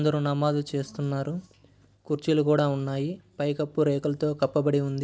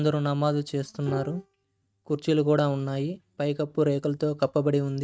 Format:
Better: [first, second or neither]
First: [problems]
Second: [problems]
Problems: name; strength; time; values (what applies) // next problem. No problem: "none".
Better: first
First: none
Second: noise reduction (neural mask model RNNoise)